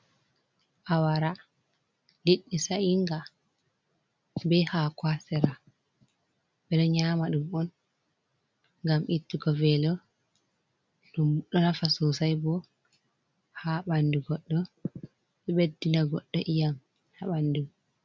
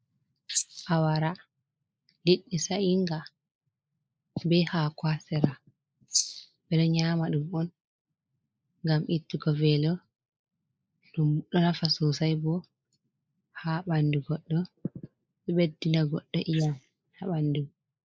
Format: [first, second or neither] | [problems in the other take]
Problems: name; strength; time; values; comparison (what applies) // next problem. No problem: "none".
first | noise reduction (neural mask model Resemble Enhance denoiser)